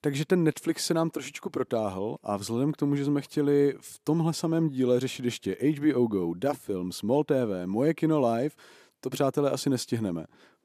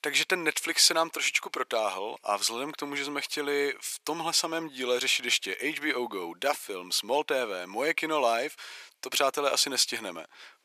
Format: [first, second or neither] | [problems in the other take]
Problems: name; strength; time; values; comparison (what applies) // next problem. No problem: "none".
first | thin; very; fading below 900 Hz